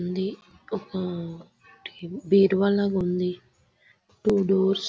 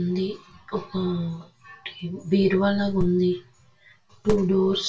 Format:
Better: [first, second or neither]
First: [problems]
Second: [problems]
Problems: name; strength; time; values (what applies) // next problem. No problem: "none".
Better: first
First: none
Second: room echo; dies away in 0.2 s